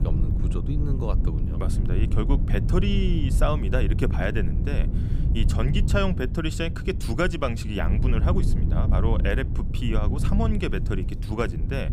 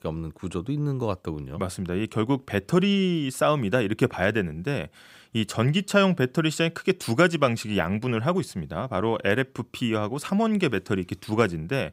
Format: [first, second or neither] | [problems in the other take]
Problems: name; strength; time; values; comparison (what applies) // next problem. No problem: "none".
second | low rumble; loud; throughout; 8 dB below the speech